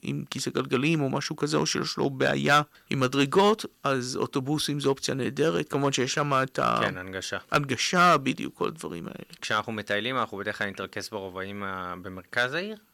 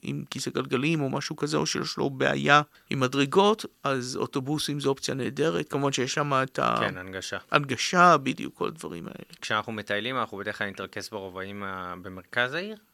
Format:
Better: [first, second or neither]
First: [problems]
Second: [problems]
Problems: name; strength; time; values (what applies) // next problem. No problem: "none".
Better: second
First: distortion; slight; 1% of the sound clipped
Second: none